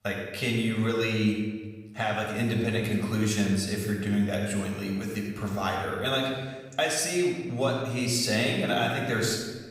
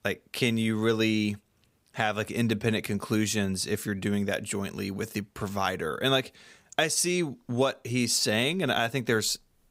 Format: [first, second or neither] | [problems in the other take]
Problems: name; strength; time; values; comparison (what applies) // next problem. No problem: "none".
second | off-mic speech; far // room echo; noticeable; dies away in 1.1 s